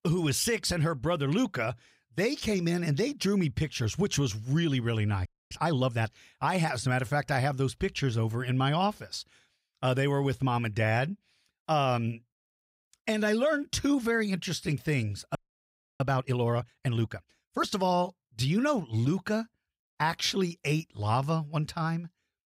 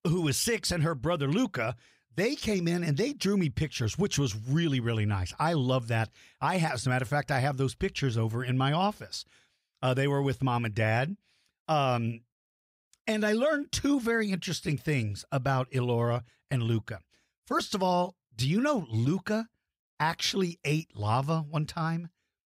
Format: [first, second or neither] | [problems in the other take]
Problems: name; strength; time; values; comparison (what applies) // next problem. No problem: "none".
second | audio freezing; at 5.5 s and at 15 s for 0.5 s